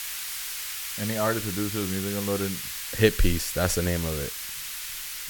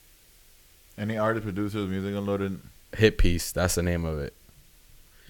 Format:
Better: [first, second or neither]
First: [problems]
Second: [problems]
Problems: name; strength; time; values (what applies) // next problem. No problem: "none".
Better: second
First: hiss; loud; throughout; 4 dB below the speech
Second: hiss; faint; throughout; 30 dB below the speech